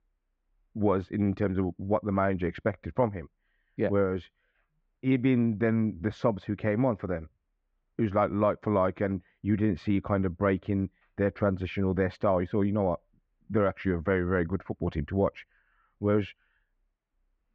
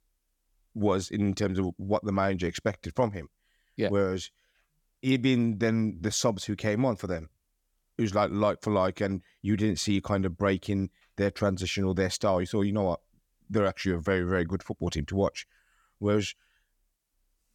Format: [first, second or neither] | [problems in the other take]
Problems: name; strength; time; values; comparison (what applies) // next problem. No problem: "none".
second | muffled; very; fading above 2 kHz